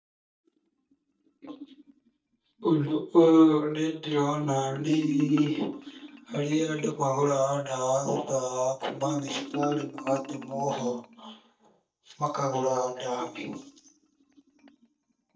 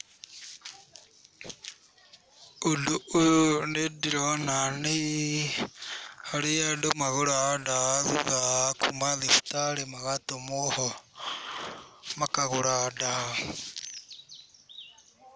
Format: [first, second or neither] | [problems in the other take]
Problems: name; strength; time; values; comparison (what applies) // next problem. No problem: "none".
second | noise reduction (neural mask model DeepFilterNet 3)